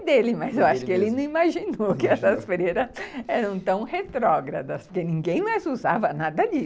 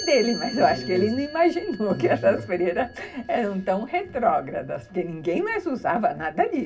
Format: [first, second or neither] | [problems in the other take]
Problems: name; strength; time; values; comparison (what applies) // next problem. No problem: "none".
first | background sound (Chime); 18 dB below the speech // room echo; dies away in 0.4 s